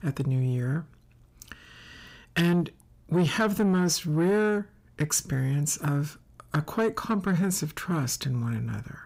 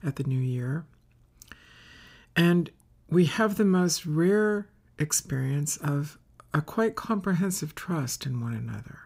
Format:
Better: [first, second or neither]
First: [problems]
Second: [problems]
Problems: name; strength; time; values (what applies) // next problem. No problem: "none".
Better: second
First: distortion; slight; 10 dB below the speech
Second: none